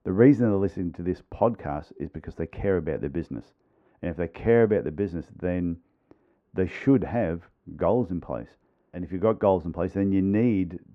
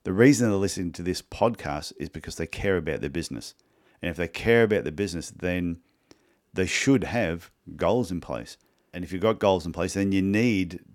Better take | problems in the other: second | muffled; very; fading above 3 kHz

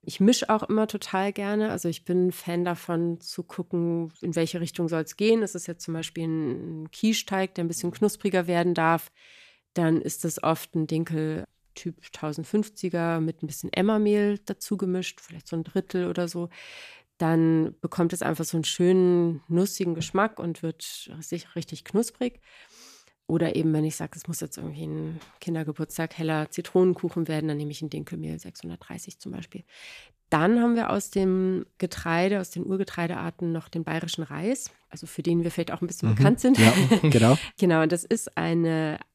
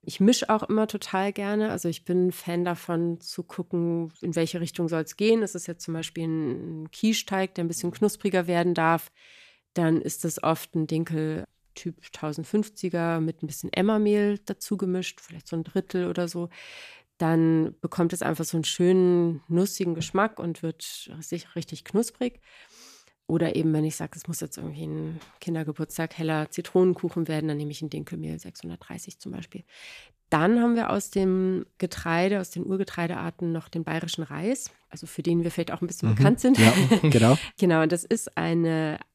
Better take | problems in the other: neither | none

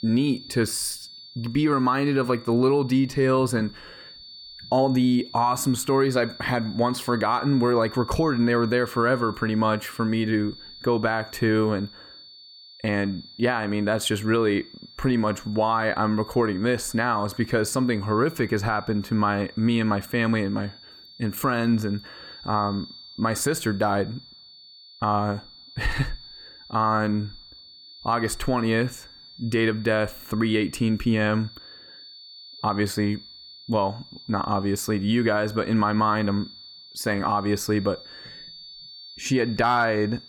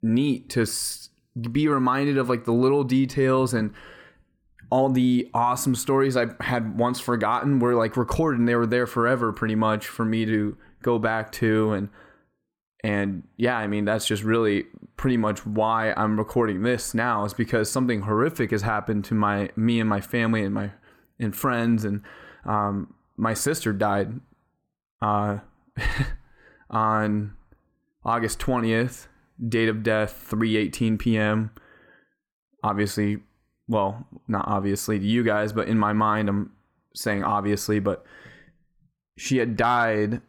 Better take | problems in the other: second | high-pitched whine; noticeable; throughout; 4.5 kHz, 20 dB below the speech

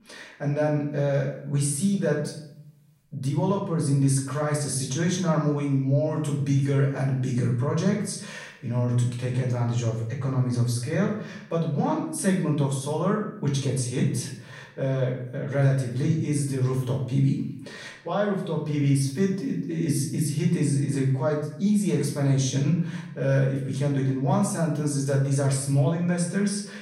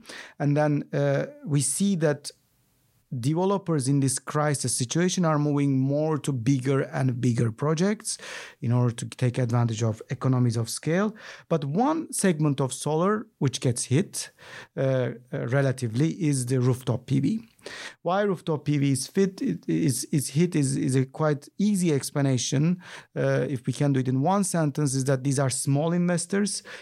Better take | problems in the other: second | off-mic speech; far // room echo; noticeable; dies away in 0.6 s

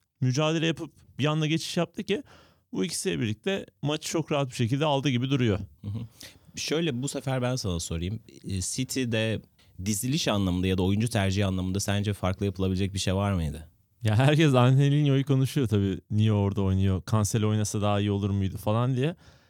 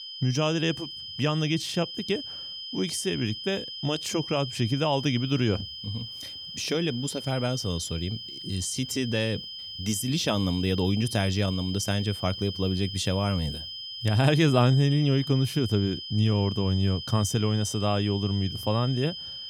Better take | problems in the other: first | high-pitched whine; loud; throughout; 3 kHz, 9 dB below the speech

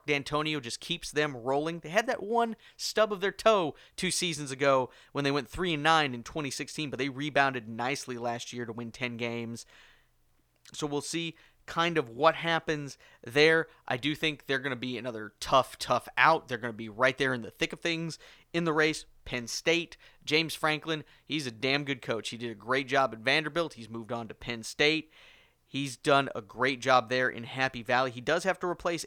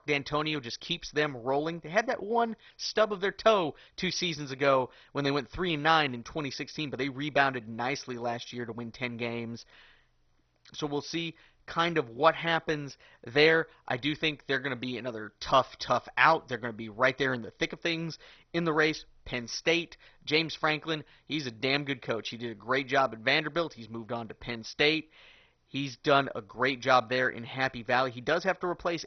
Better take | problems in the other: first | garbled, watery; badly; nothing above 6 kHz

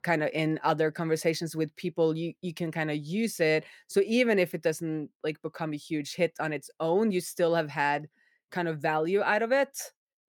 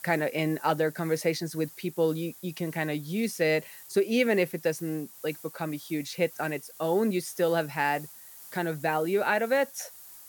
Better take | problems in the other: first | hiss; noticeable; throughout; 15 dB below the speech

